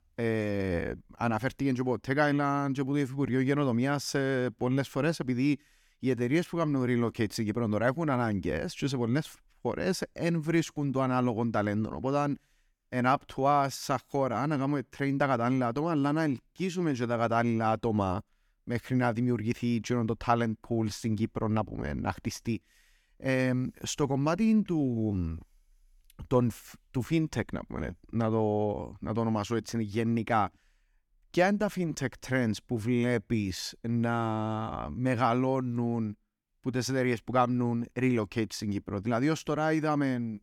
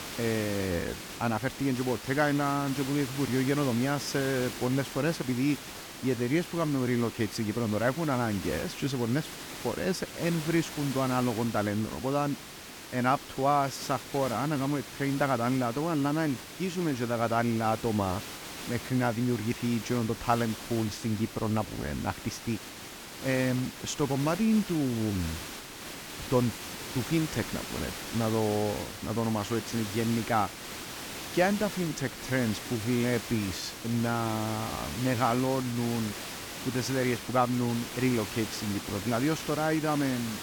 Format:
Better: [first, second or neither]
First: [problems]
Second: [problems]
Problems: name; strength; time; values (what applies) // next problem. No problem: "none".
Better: first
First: none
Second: hiss; loud; throughout; 9 dB below the speech